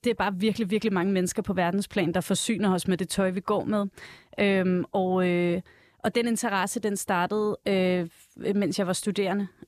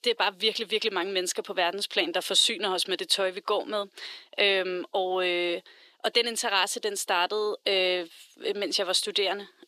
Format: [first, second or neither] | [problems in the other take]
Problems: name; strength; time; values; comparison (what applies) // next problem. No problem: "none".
first | thin; very; fading below 350 Hz